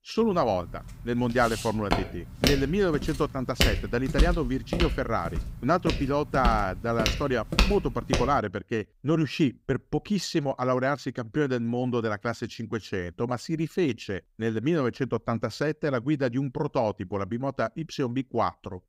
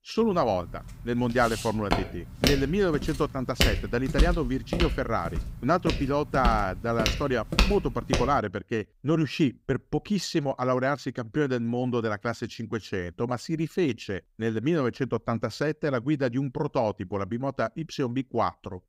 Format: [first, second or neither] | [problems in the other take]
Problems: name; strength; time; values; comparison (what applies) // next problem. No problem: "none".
neither | footsteps; loud; from 1.5 to 8.5 s; peak 3 dB above the speech; the same in both